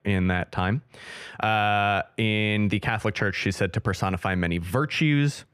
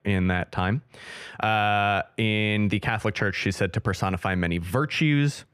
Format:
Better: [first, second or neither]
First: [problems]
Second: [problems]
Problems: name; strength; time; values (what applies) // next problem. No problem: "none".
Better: neither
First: muffled; slightly; fading above 3.5 kHz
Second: muffled; slightly; fading above 3.5 kHz